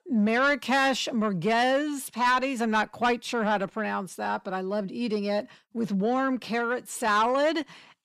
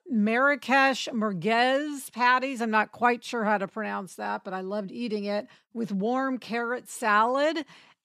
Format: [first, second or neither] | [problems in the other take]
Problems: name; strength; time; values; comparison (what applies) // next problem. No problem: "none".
second | distortion; slight; 10 dB below the speech